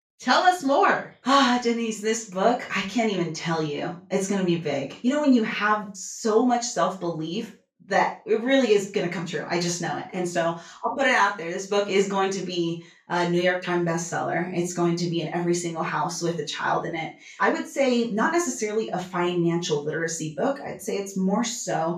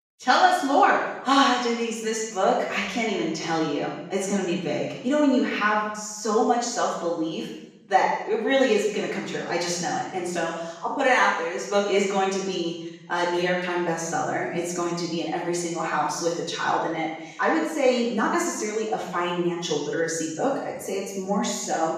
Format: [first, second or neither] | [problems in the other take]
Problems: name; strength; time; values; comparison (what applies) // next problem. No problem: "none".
first | room echo; strong; dies away in 0.9 s; slight in the first // off-mic speech; far; far in the first